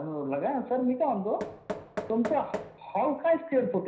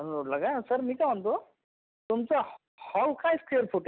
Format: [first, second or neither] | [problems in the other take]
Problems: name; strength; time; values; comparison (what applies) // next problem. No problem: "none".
second | background sound (Knock); 12 dB below the speech // room echo; dies away in 0.5 s